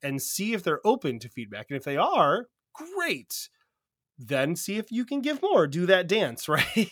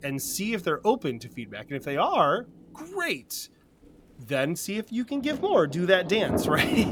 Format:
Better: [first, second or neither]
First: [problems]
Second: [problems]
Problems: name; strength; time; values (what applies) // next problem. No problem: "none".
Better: first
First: none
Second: rain or running water; loud; throughout; 6 dB below the speech